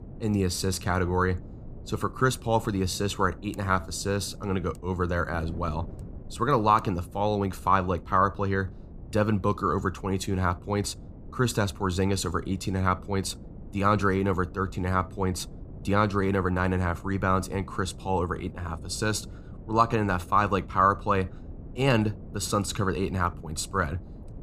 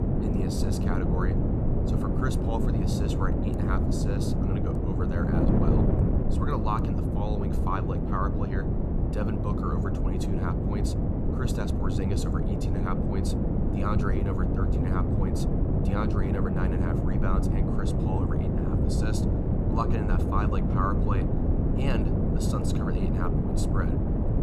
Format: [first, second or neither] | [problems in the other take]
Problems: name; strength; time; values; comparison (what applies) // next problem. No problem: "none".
first | wind noise on the microphone; heavy; 1 dB above the speech; occasional gusts in the first